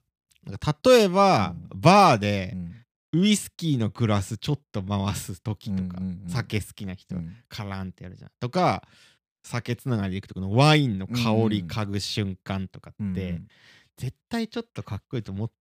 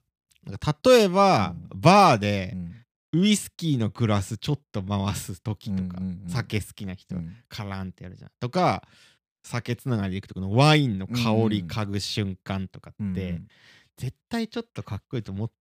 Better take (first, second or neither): neither